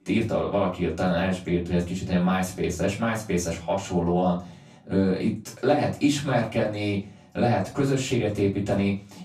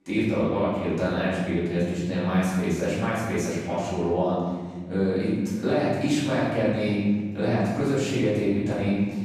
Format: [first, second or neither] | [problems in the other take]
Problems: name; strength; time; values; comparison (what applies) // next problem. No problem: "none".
first | room echo; strong; dies away in 1.5 s; slight in the first // off-mic speech; far; far in the first